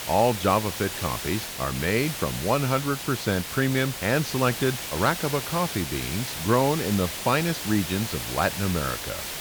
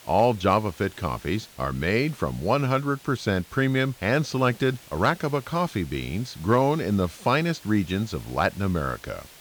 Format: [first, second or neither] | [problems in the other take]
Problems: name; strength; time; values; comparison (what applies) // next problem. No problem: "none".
second | hiss; loud; throughout; 5 dB below the speech; faint in the second